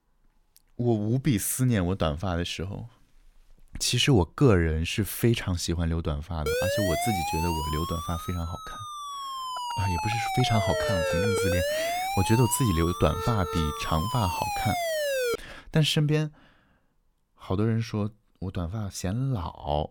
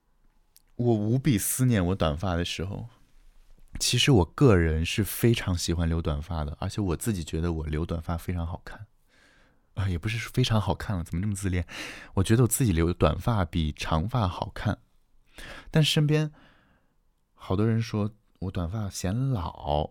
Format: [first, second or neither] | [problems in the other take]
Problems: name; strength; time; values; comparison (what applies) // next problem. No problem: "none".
second | siren; loud; from 6.5 to 15 s; peak 1 dB above the speech